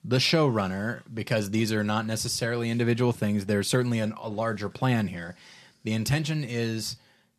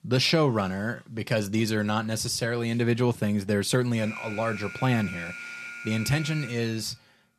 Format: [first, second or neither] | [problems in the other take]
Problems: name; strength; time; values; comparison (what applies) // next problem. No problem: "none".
first | alarm; noticeable; from 4 to 6.5 s; peak 10 dB below the speech